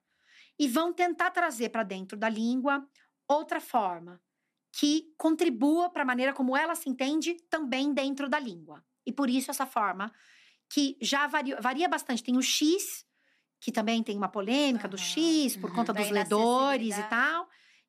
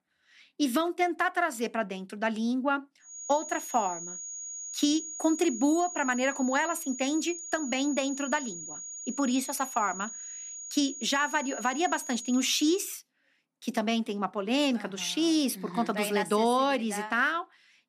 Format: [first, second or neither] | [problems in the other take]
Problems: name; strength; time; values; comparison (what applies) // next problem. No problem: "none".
first | high-pitched whine; loud; from 3 to 13 s; 6.5 kHz, 9 dB below the speech